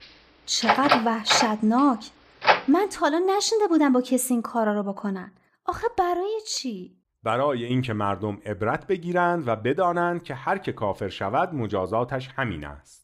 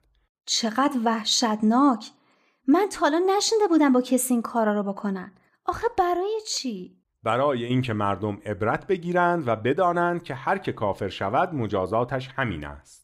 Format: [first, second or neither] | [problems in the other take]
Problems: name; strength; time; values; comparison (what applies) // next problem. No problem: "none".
second | door banging; loud; from 0.5 to 2.5 s; peak 4 dB above the speech